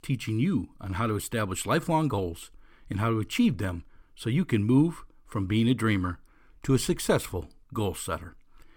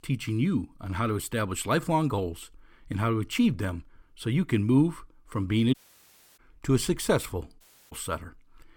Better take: first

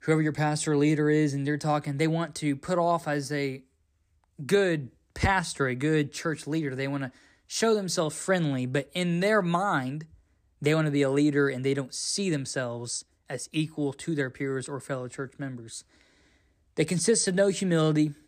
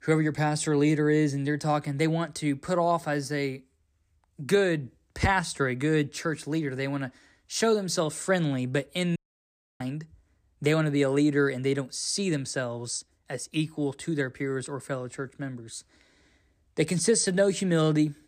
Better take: first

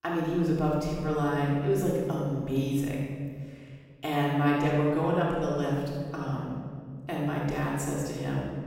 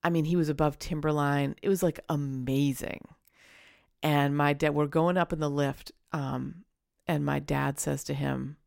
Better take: second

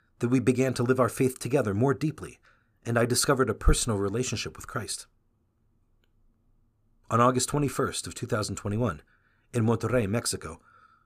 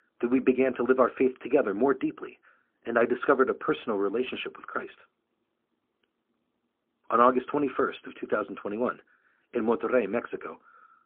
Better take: first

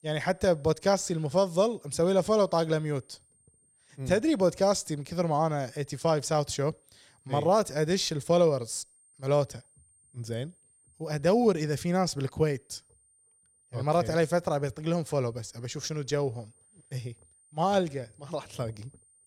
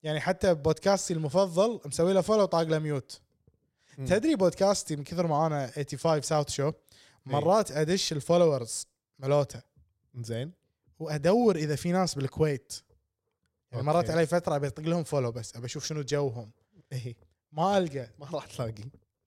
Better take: second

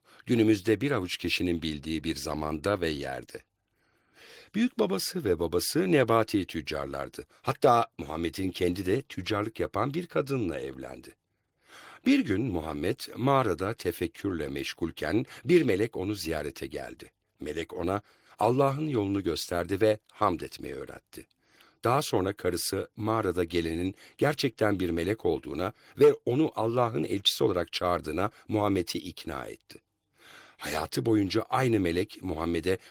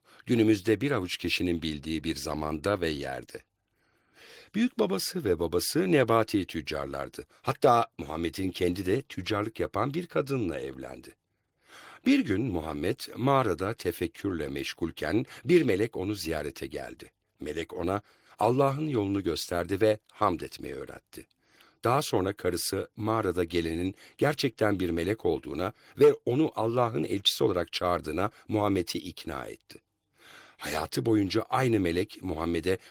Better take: neither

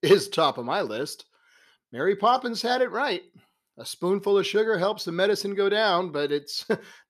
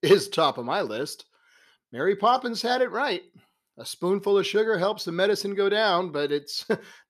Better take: neither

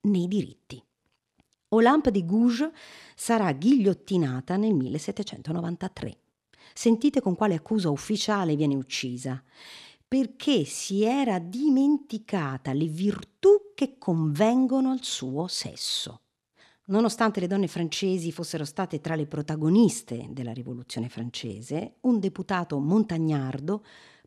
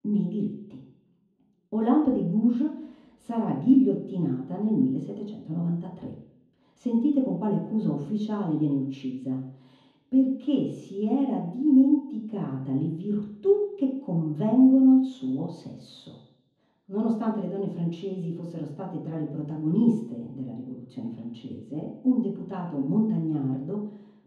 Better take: first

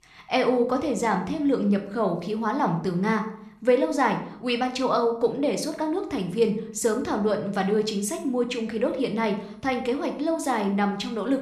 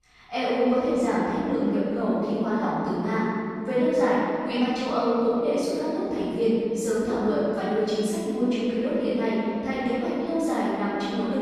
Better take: first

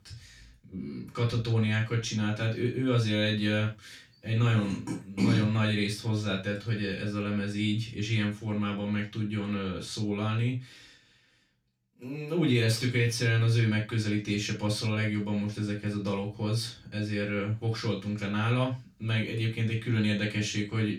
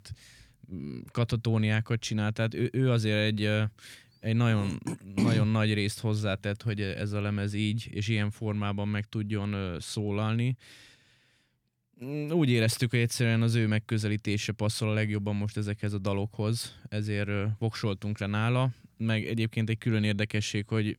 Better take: second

